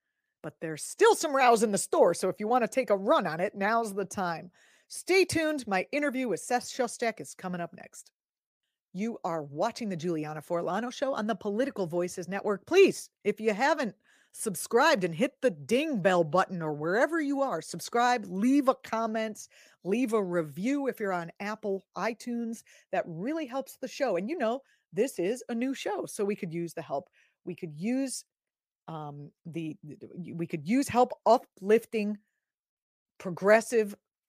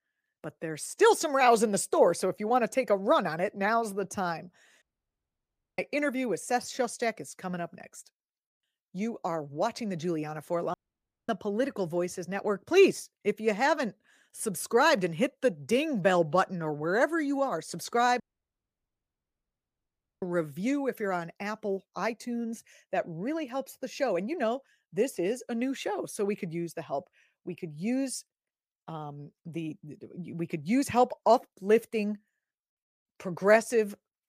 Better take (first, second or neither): first